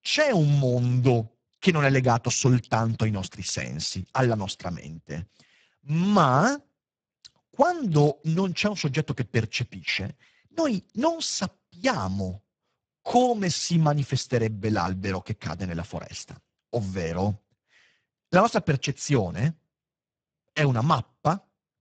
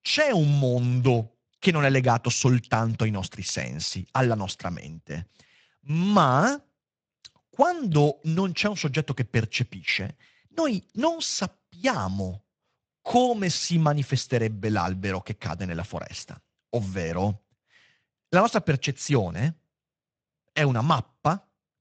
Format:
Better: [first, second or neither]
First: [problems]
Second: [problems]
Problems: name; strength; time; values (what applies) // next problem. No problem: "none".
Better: second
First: garbled, watery; badly; nothing above 7.5 kHz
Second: garbled, watery; slightly; nothing above 7.5 kHz